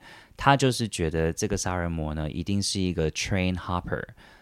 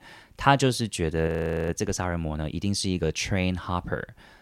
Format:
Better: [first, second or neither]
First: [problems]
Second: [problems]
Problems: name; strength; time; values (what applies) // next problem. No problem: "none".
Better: first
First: none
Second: audio freezing; at 1.5 s